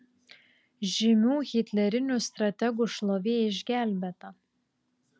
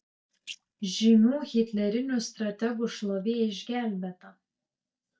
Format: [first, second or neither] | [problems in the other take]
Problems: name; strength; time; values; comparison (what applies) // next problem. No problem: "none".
first | noise reduction (neural mask model DeepFilterNet 3)